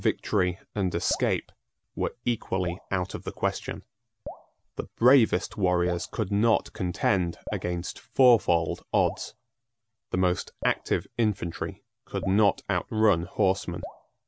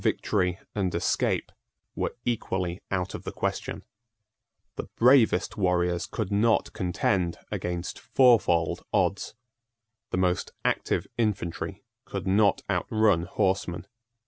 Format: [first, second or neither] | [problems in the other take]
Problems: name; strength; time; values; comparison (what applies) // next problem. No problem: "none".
second | background sound (Drip); 19 dB below the speech